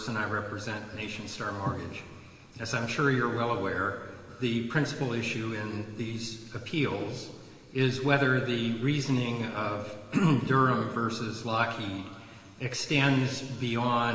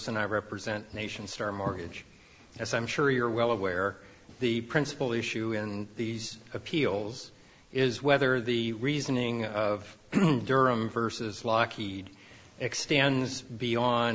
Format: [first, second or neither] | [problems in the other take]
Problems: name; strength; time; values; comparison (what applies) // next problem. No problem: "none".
second | room echo; dies away in 2.9 s